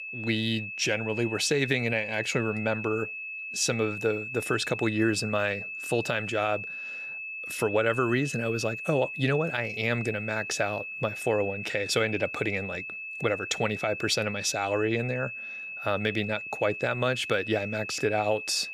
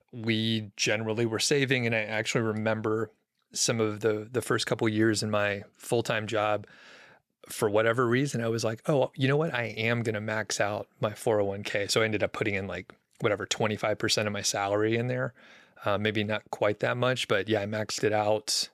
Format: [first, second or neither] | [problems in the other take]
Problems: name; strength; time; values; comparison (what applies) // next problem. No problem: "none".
second | high-pitched whine; loud; throughout; 2.5 kHz, 6 dB below the speech